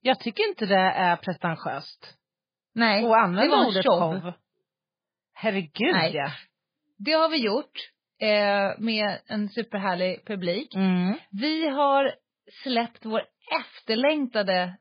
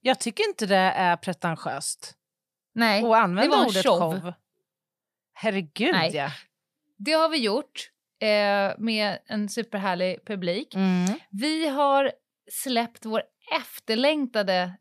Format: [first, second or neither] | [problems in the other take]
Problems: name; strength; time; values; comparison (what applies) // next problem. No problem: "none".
second | garbled, watery; badly; nothing above 5 kHz